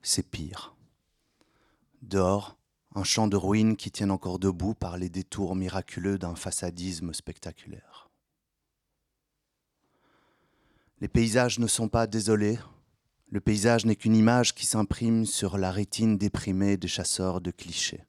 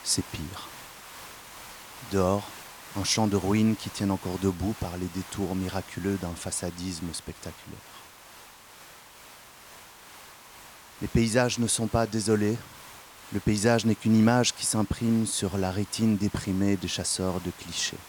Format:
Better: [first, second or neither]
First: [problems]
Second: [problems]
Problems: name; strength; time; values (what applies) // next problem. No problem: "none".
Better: first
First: none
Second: hiss; noticeable; throughout; 20 dB below the speech